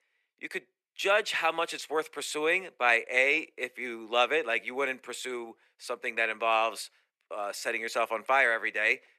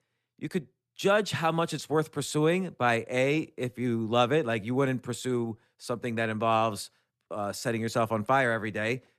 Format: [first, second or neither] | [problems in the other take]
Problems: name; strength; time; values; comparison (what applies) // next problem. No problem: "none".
second | thin; very; fading below 400 Hz